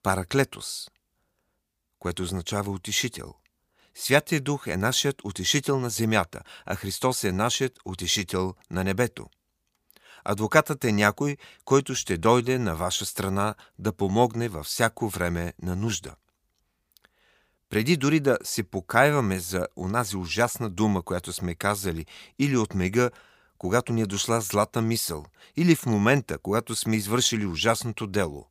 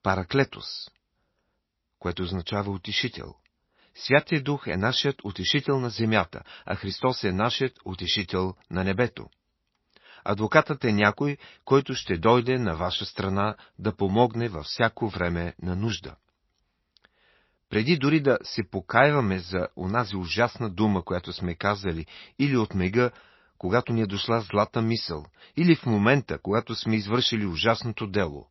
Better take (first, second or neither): first